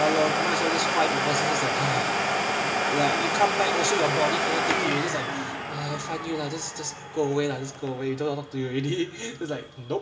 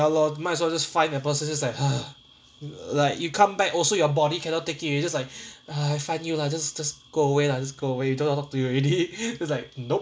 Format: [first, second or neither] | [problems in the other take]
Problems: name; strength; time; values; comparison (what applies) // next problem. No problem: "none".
second | background sound (Domestic sounds, home sounds); 1 dB above the speech // room echo; dies away in 1.8 s